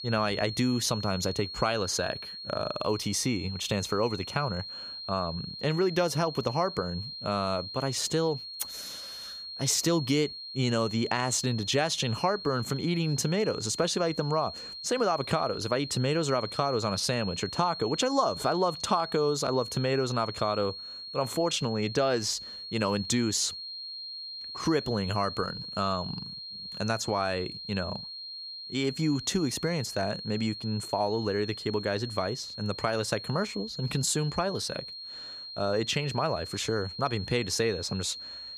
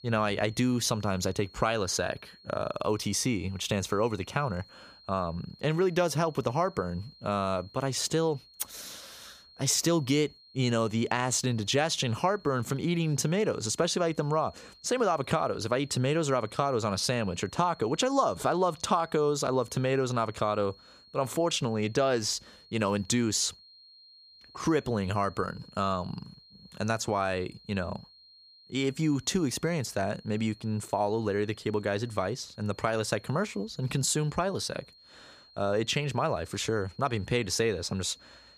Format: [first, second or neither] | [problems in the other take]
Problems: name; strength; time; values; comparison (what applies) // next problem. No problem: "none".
second | high-pitched whine; loud; throughout; 4.5 kHz, 9 dB below the speech; faint in the second